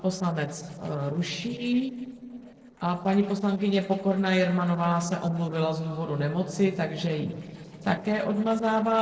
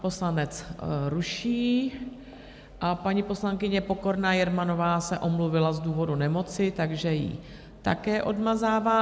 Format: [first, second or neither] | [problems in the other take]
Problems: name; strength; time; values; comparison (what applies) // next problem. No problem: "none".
second | noise reduction (neural separator model SepFormer DNS4)